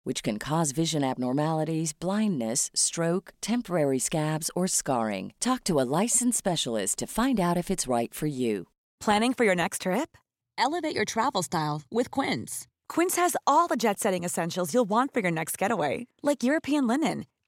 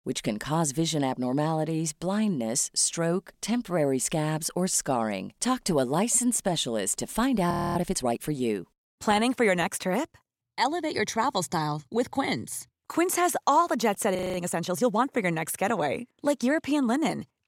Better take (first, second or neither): first